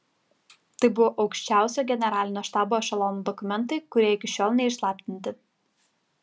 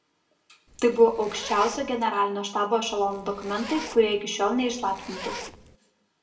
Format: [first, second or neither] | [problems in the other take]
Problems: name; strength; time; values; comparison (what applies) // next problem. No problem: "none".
first | background sound (Zipper (clothing)); 14 dB below the speech // room echo; dies away in 0.6 s